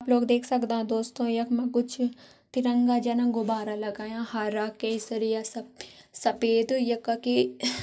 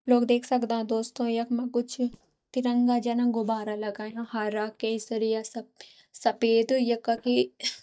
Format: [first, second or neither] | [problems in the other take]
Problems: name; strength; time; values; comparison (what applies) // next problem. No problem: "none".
first | noise reduction (neural mask model DeepFilterNet 3)